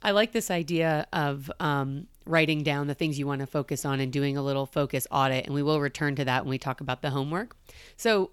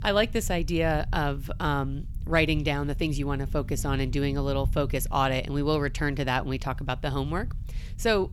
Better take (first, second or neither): first